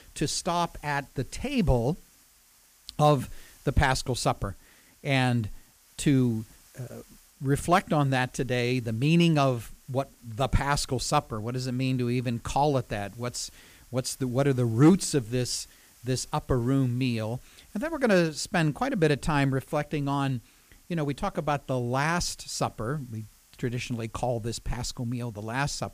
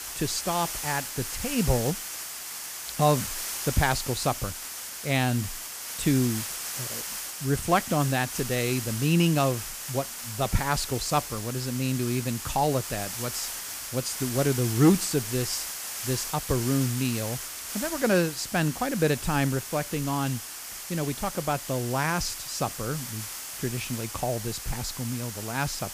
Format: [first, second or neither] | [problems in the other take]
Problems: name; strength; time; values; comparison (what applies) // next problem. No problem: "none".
first | hiss; loud; throughout; 5 dB below the speech; faint in the first